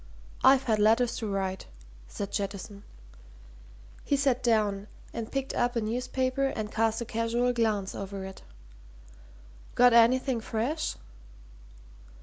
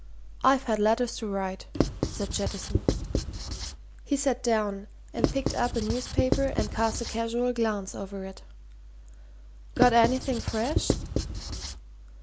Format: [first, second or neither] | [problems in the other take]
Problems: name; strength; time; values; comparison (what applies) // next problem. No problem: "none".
first | background sound (Writing); as loud as the speech